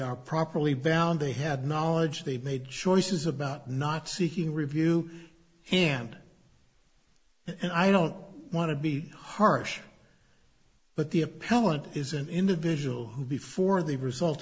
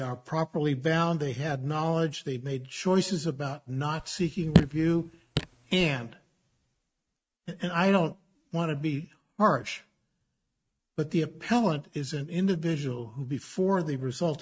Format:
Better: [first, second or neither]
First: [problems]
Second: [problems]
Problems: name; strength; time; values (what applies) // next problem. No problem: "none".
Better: first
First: none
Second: noise reduction (neural mask model RNNoise)